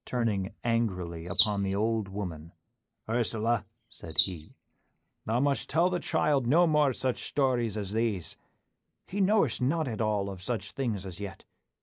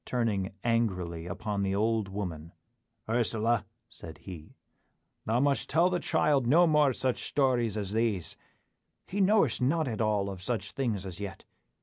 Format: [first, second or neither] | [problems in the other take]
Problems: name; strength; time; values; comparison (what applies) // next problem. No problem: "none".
second | noise reduction (neural mask model Resemble Enhance denoiser)